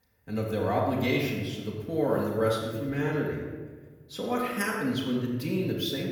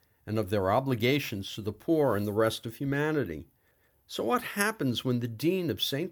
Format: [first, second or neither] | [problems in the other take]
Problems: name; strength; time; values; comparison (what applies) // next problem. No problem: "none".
second | off-mic speech; far // room echo; noticeable; dies away in 1.2 s